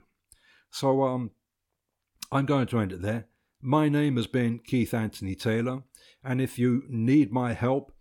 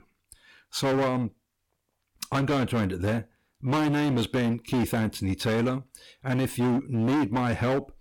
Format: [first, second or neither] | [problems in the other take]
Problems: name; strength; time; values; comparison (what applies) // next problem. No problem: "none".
first | distortion; heavy; 20% of the sound clipped